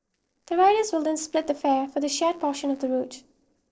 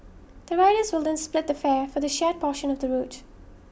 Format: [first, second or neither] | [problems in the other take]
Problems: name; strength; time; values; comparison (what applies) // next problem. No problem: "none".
second | noise reduction (neural separator model SepFormer DNS4)